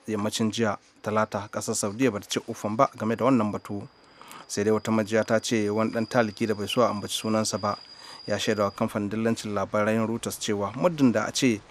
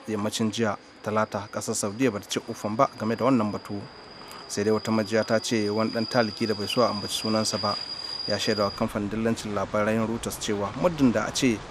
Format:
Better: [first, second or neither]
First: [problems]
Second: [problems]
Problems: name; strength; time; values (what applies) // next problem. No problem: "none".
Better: first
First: train or aircraft noise; faint; throughout; 20 dB below the speech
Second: train or aircraft noise; loud; throughout; 9 dB below the speech